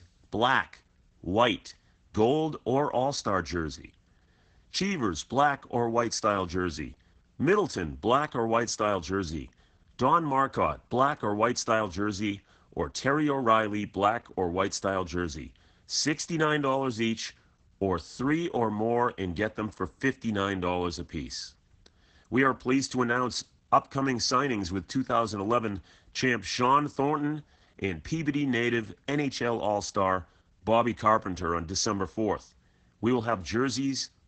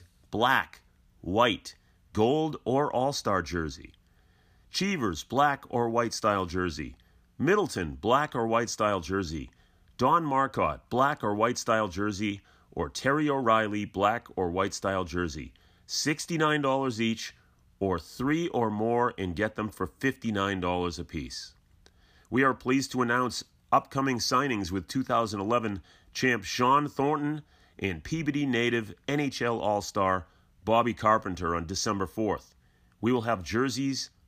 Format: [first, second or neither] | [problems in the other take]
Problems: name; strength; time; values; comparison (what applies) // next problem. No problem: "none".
second | garbled, watery; badly; nothing above 7 kHz